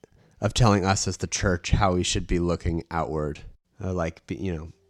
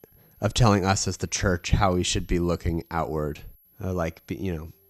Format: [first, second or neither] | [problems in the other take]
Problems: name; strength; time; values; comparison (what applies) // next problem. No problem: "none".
first | high-pitched whine; faint; throughout; 11.5 kHz, 30 dB below the speech